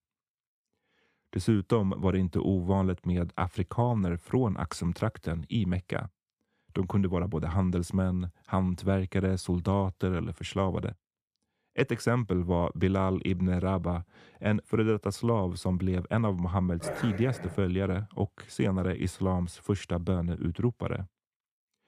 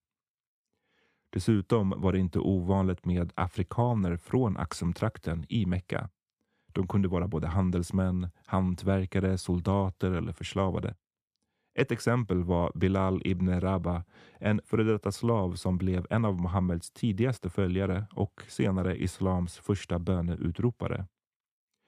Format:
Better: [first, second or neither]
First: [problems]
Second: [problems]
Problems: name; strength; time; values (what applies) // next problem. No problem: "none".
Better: second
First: dog barking; noticeable; at 17 s; peak 7 dB below the speech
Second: none